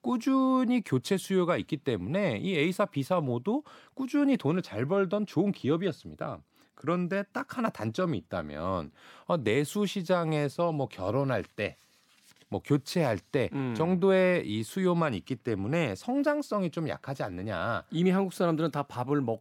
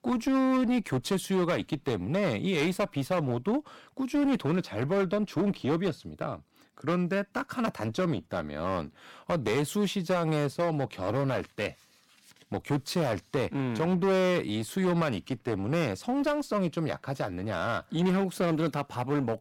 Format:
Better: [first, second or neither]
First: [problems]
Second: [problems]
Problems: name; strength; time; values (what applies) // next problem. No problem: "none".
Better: first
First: none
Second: distortion; slight; 14% of the sound clipped